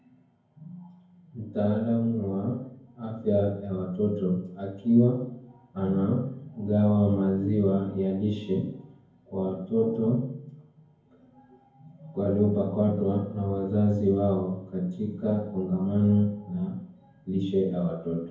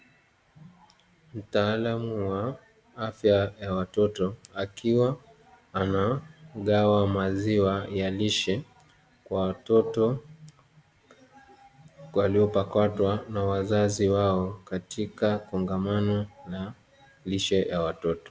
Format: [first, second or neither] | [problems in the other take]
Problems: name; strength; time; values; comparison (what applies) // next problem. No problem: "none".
second | room echo; dies away in 0.9 s